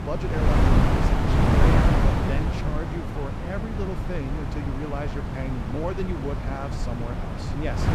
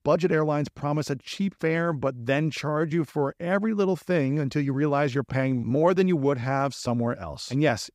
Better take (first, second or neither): second